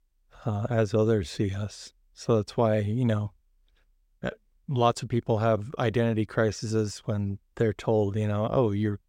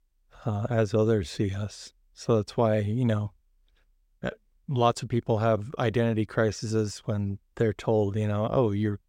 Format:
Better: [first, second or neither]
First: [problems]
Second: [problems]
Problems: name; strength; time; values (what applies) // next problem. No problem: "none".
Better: neither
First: none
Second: none